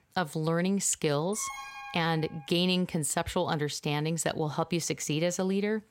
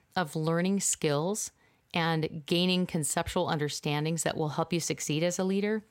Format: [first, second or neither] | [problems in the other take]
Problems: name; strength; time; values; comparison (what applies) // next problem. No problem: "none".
second | alarm; noticeable; from 1.5 to 2.5 s; peak 10 dB below the speech